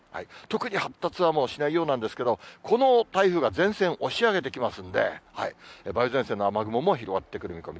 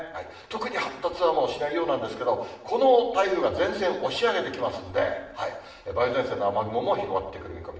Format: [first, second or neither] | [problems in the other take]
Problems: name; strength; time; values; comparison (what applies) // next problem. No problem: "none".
first | room echo; dies away in 0.8 s